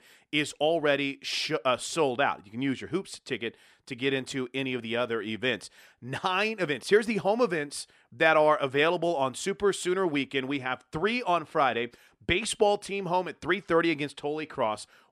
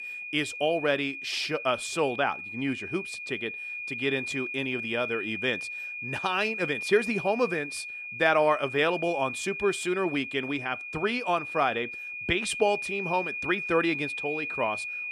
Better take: first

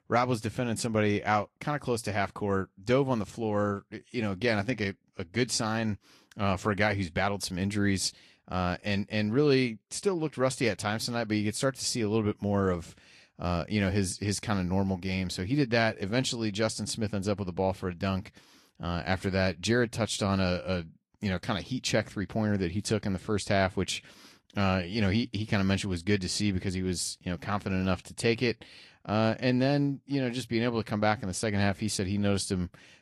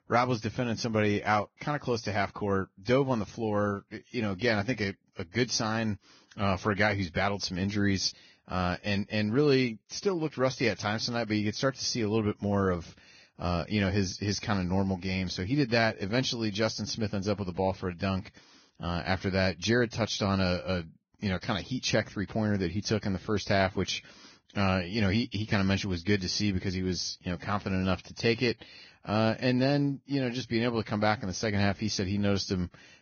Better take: first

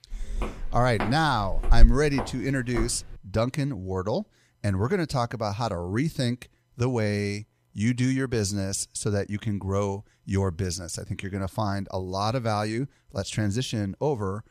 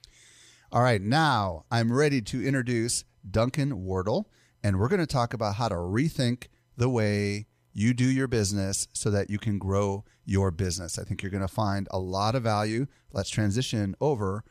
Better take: second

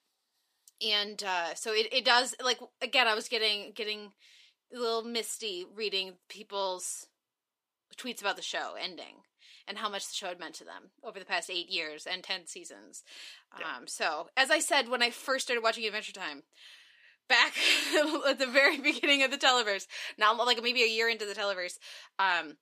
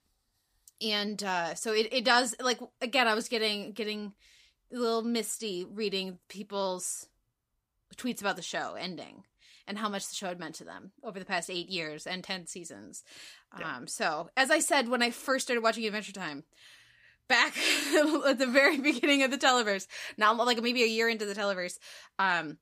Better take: second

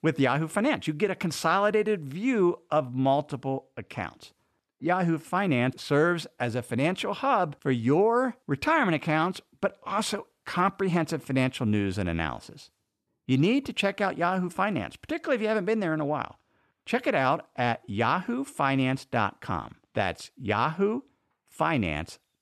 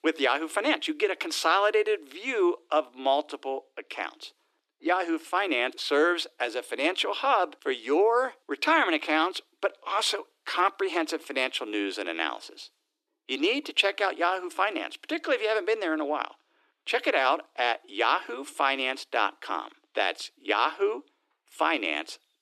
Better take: first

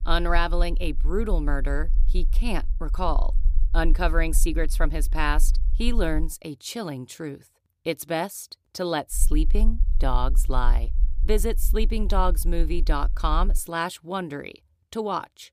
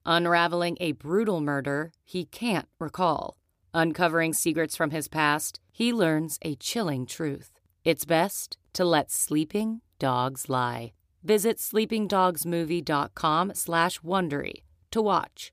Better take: second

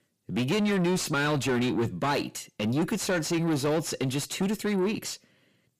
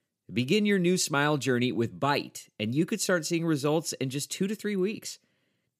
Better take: second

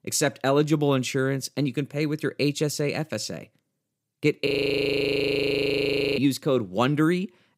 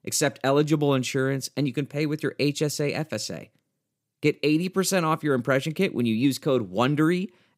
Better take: second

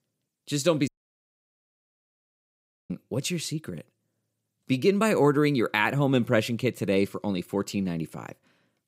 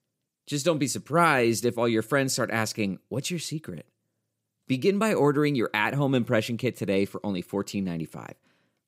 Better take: second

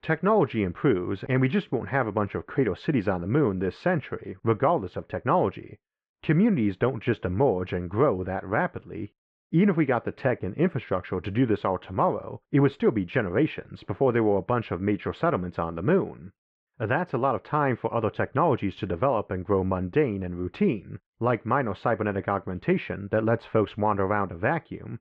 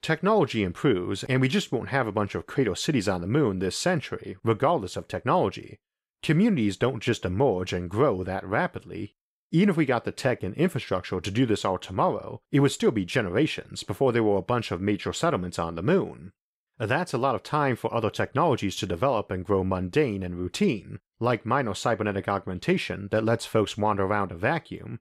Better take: second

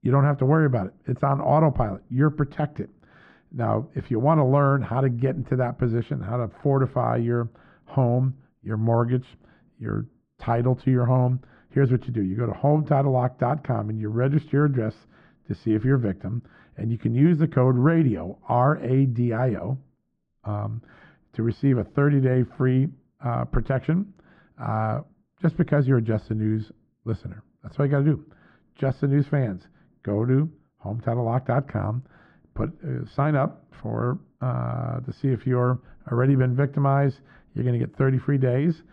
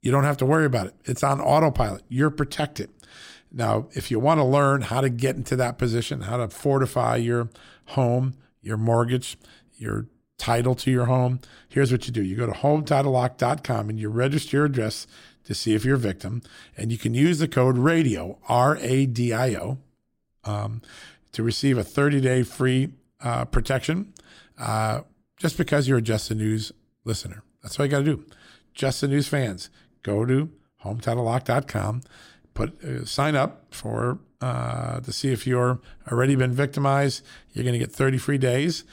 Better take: second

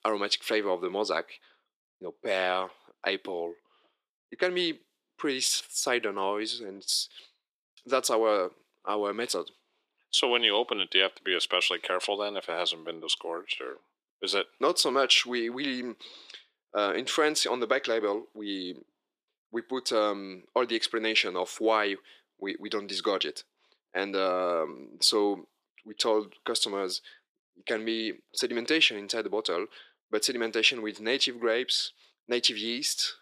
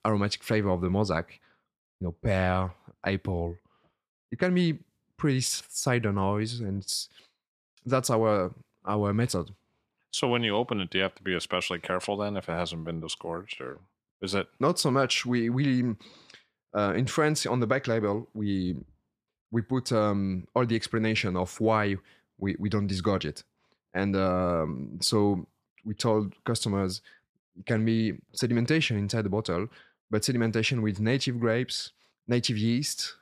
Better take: second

